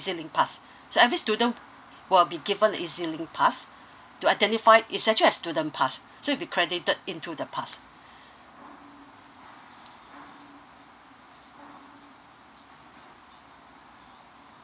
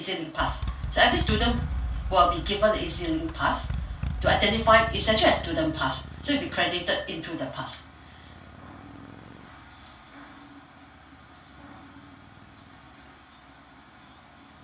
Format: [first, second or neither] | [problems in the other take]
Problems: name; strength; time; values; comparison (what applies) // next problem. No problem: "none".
first | background sound (Motorcycle); 7 dB below the speech // room echo; dies away in 0.3 s